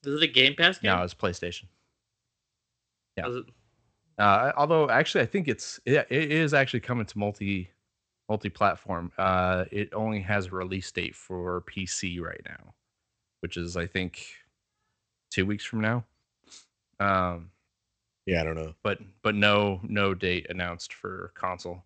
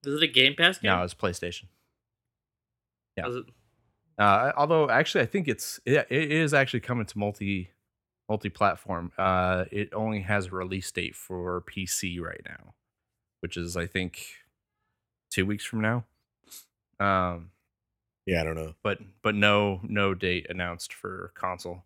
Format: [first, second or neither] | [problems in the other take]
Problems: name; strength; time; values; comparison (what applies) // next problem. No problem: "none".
second | garbled, watery; slightly; nothing above 8 kHz